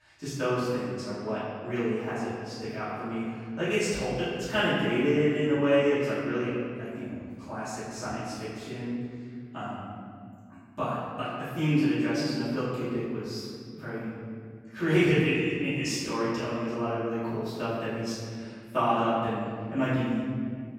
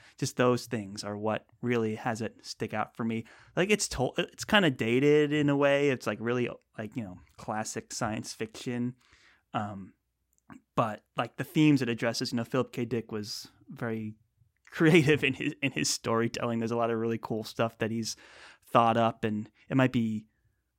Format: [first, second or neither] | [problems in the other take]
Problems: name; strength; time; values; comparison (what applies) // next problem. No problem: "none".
second | room echo; strong; dies away in 2 s // off-mic speech; far